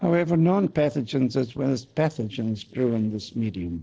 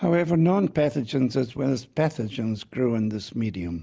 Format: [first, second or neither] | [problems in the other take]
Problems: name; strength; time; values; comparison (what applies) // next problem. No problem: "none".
second | noise reduction (neural separator model SepFormer DNS4)